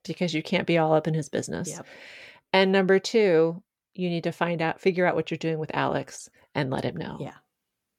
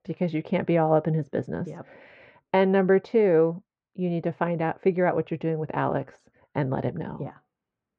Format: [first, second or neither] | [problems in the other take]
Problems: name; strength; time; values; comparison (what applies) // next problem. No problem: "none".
first | muffled; very; fading above 1.5 kHz